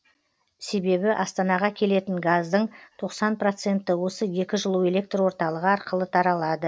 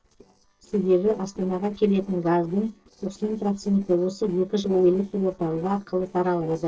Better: first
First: none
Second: noise reduction (neural separator model SepFormer DNS4)

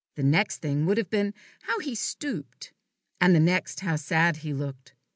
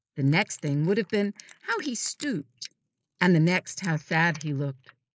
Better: first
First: none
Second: noise reduction (neural mask model Resemble Enhance denoiser)

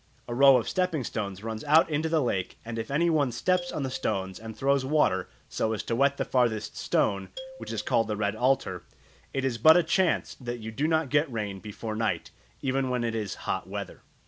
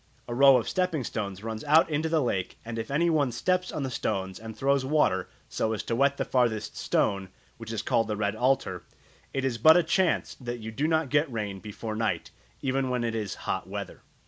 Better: second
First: background sound (Marimba, xylophone); 20 dB below the speech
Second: none

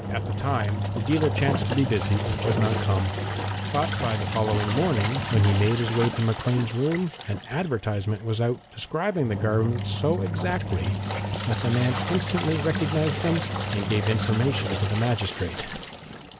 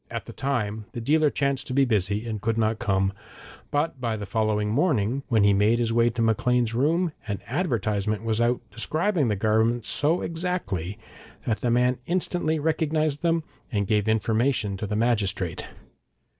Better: second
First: background sound (Engine); 3 dB below the speech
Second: none

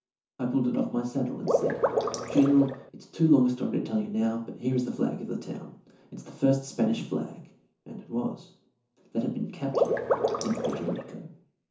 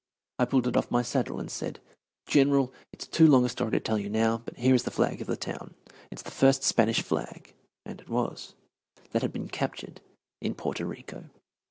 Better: second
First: background sound (Water / Liquid); 1 dB above the speech // room echo; dies away in 0.9 s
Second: none

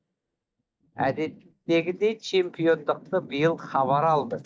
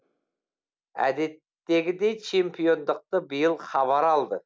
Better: second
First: noise reduction (neural mask model DeepFilterNet 3)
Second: none

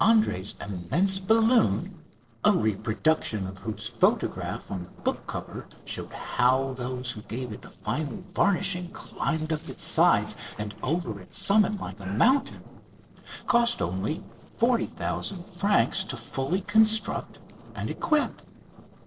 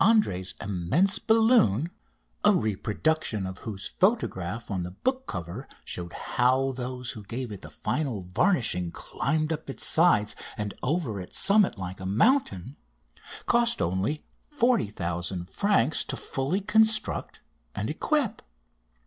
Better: second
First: noise reduction (neural separator model SepFormer DNS4)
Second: none

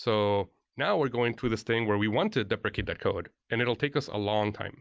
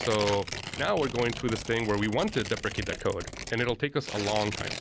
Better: first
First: none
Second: background sound (Tearing); 8 dB below the speech

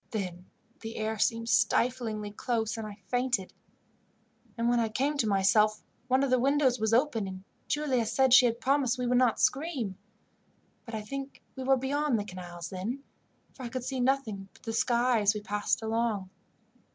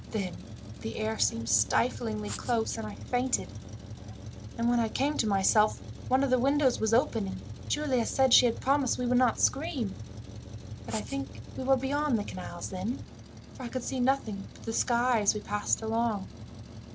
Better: first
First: none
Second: background sound (Truck + Writing); 11 dB below the speech

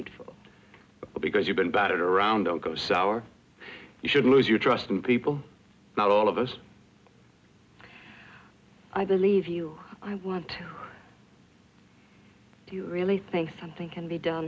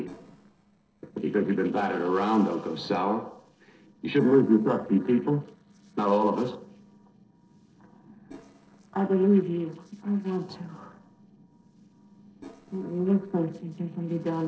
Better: first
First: none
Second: noise reduction (neural separator model SepFormer DNS4)

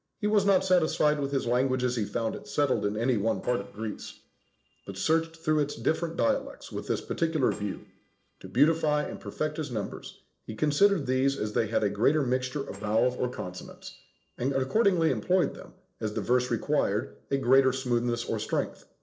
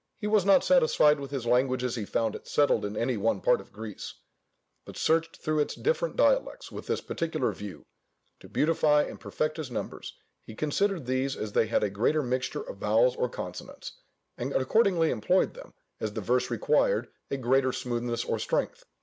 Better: second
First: noise reduction (neural separator model SepFormer DNS4)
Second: none

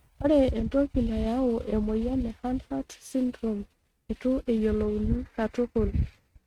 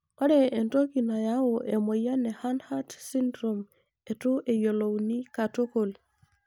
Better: second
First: noise reduction (neural mask model RNNoise)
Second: none

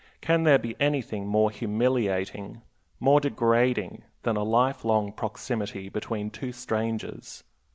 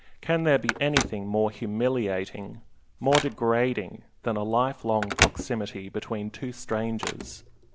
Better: first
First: none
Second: background sound (Telephone); 6 dB below the speech

